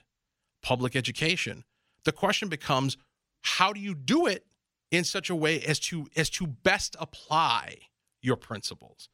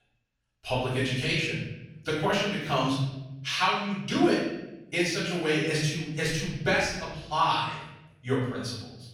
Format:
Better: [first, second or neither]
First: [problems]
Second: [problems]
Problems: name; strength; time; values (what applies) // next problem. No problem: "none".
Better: first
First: none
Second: off-mic speech; far // room echo; noticeable; dies away in 1.1 s